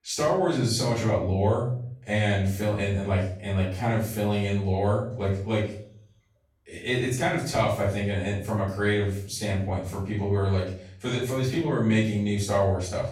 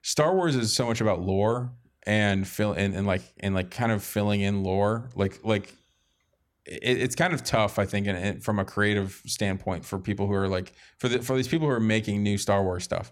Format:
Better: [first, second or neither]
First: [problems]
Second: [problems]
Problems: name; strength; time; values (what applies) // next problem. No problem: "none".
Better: second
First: off-mic speech; far // room echo; noticeable; dies away in 0.5 s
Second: none